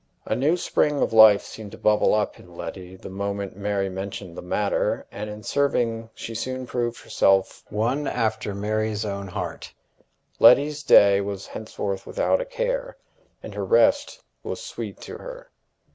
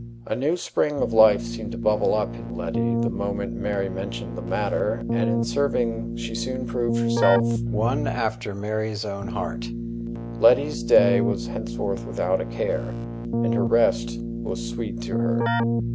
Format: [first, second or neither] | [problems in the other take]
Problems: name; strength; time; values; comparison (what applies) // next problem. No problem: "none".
first | background sound (Keyboard (musical)); 2 dB below the speech